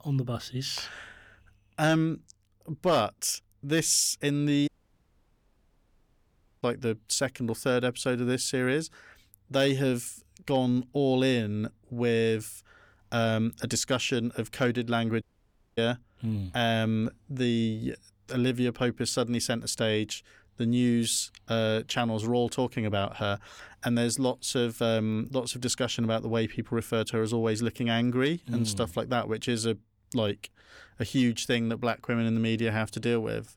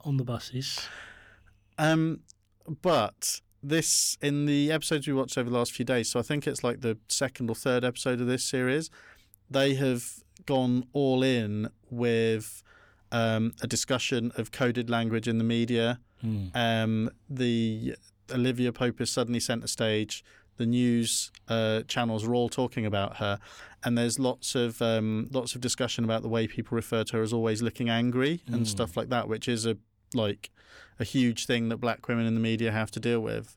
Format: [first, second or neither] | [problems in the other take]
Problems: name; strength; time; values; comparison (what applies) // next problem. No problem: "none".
second | audio cutting out; at 4.5 s for 2 s and at 15 s for 0.5 s